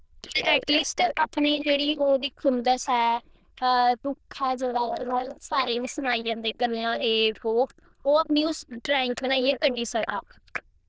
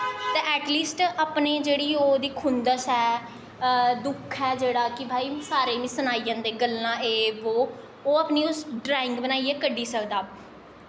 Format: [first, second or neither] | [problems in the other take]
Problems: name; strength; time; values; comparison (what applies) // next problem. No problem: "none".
second | noise reduction (neural diffusion model UNIVERSE++)